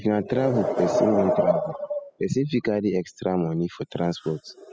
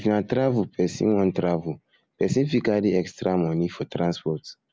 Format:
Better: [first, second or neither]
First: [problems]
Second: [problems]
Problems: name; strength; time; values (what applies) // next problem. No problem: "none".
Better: second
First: noise reduction (classical method spectral subtraction)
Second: none